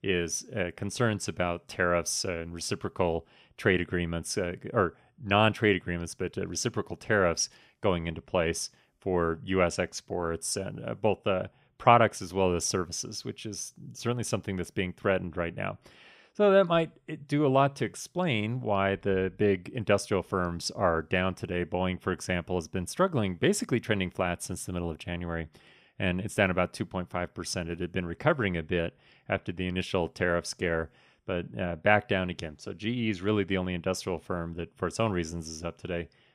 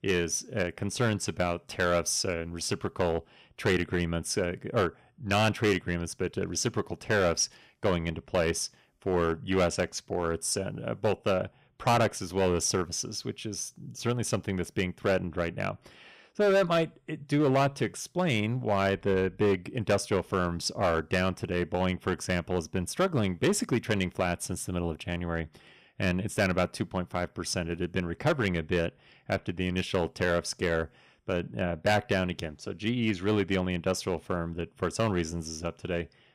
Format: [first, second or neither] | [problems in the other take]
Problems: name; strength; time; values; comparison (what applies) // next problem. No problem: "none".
first | distortion; slight; 4% of the sound clipped